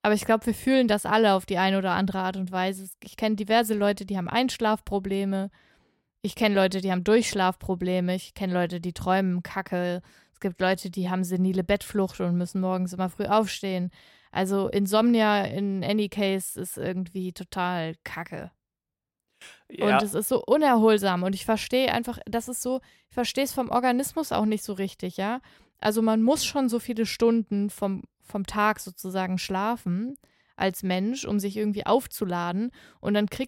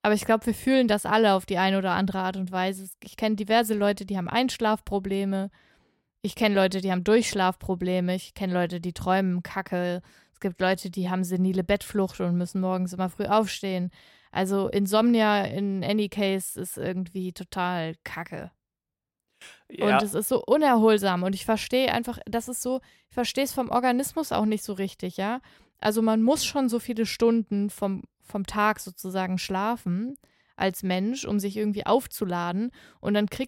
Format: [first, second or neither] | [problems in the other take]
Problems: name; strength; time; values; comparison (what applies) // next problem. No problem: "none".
neither | none